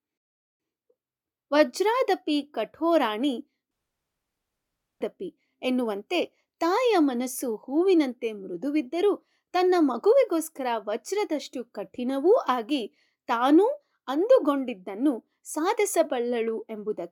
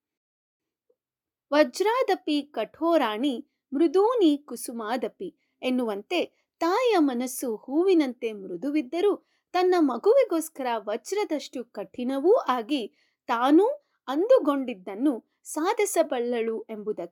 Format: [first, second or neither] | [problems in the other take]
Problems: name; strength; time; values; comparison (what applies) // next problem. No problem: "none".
second | audio cutting out; at 3.5 s for 1.5 s